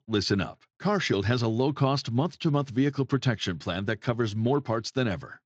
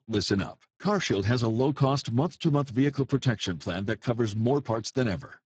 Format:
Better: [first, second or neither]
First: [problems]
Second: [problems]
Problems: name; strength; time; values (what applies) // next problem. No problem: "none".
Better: first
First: garbled, watery; slightly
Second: garbled, watery; badly; nothing above 7.5 kHz